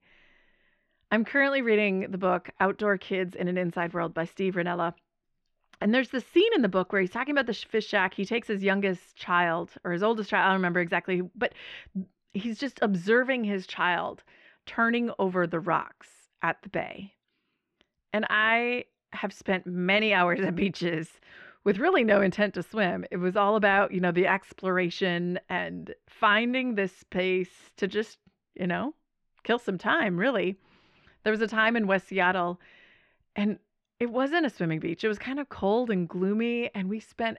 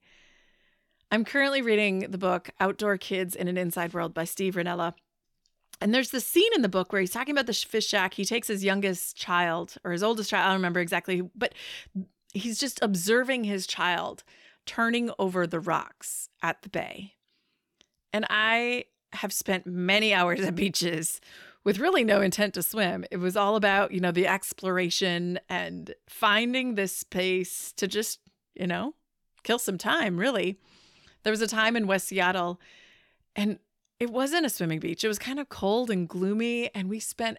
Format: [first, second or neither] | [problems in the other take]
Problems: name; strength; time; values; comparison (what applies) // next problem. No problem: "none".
second | muffled; very; fading above 2 kHz